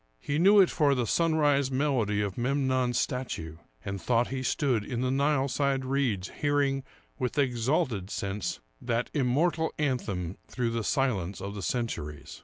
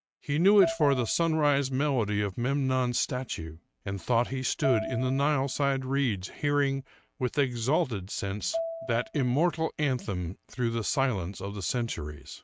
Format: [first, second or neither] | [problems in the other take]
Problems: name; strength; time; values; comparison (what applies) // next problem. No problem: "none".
first | noise reduction (neural mask model RNNoise)